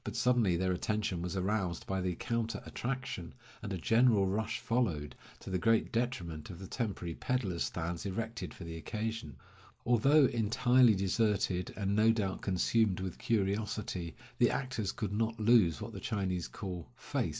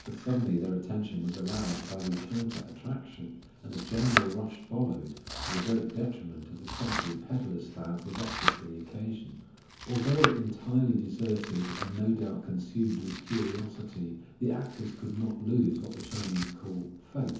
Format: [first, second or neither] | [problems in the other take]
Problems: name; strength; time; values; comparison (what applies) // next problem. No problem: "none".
first | background sound (Domestic sounds, home sounds); 7 dB below the speech // room echo; dies away in 0.7 s